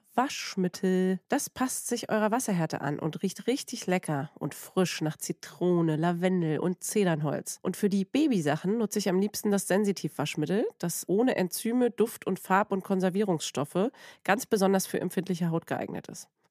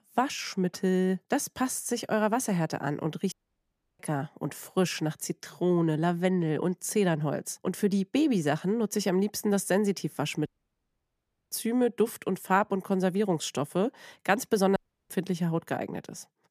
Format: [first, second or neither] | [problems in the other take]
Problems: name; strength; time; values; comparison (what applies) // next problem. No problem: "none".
first | audio cutting out; at 3.5 s for 0.5 s, at 10 s for 1 s and at 15 s